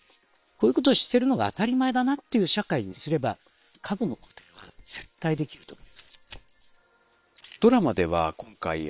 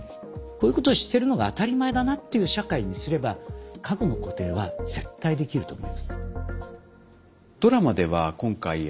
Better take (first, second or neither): second